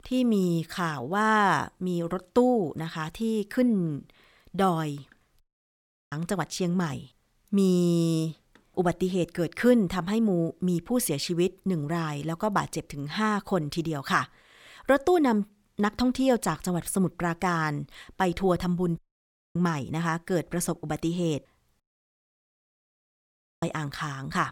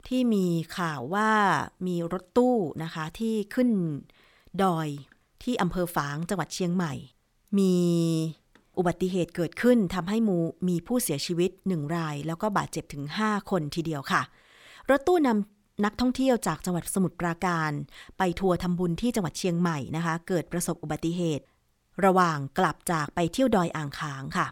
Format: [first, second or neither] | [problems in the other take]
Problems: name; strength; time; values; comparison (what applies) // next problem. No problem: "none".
second | audio cutting out; at 5.5 s for 0.5 s, at 19 s for 0.5 s and at 22 s for 2 s